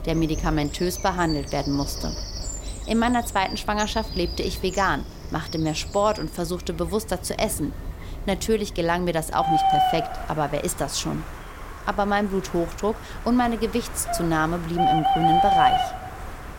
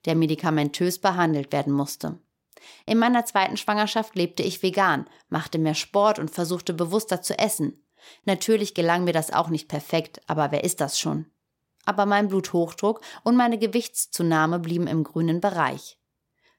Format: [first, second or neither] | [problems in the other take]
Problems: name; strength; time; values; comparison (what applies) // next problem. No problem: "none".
second | animal sounds; loud; throughout; 2 dB below the speech